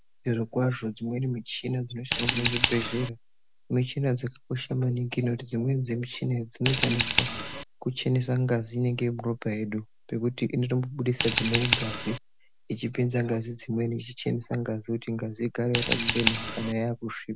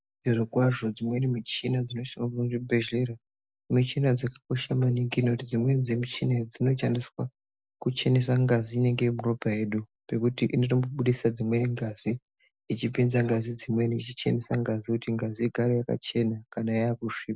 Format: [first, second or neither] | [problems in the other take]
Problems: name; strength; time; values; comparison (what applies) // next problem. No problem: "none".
second | background sound (Scissors); 6 dB below the speech